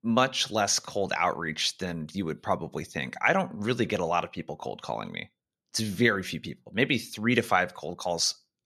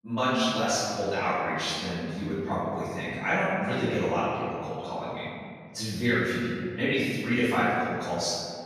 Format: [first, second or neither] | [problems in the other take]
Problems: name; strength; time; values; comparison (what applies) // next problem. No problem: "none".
first | off-mic speech; far // room echo; strong; dies away in 2.1 s